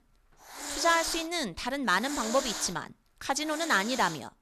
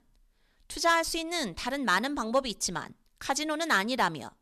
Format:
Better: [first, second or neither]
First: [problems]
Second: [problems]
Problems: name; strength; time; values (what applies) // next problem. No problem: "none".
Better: second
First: hiss; loud; throughout; 8 dB below the speech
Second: none